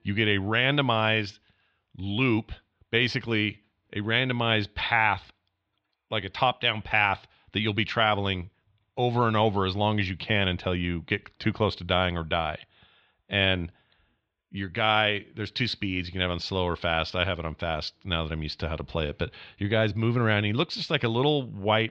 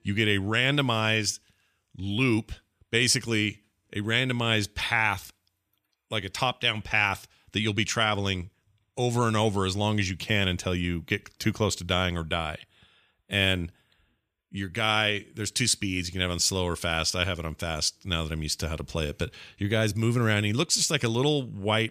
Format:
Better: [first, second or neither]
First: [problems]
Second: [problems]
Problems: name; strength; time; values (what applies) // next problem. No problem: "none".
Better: second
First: muffled; slightly; fading above 4 kHz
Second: none